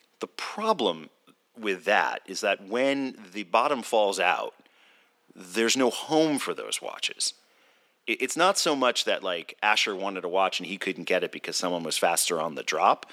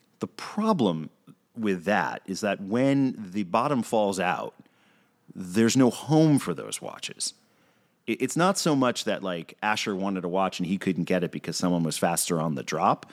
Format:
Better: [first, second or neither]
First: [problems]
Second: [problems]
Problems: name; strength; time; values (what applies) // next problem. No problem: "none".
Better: second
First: thin; somewhat; fading below 450 Hz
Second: none